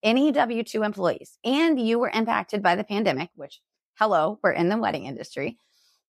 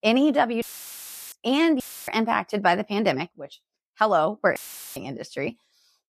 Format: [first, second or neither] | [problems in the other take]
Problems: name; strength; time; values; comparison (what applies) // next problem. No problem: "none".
first | audio cutting out; filled with static; at 0.5 s for 0.5 s, at 2 s and at 4.5 s